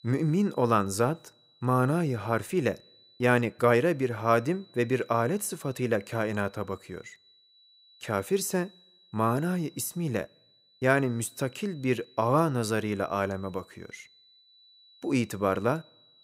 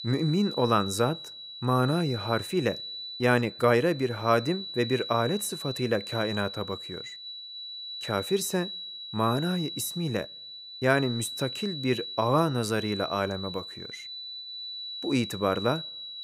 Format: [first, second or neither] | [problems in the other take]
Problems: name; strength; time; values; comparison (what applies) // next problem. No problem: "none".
first | high-pitched whine; loud; throughout; 4 kHz, 9 dB below the speech; faint in the first